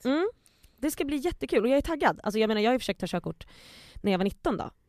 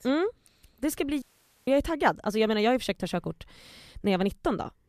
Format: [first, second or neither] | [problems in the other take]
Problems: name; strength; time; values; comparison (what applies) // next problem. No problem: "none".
first | audio cutting out; at 1 s